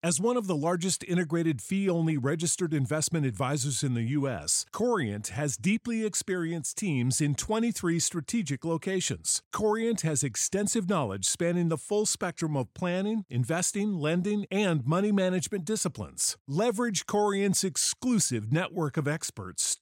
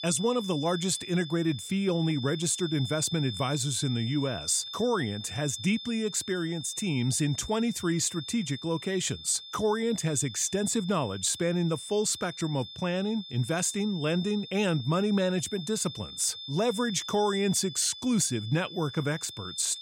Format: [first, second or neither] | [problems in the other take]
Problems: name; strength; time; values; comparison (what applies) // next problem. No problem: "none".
first | high-pitched whine; noticeable; throughout; 3.5 kHz, 10 dB below the speech